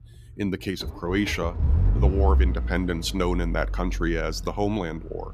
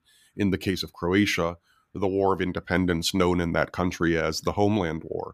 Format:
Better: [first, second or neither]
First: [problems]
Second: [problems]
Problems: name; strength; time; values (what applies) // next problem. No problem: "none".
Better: second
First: low rumble; noticeable; throughout; 15 dB below the speech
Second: none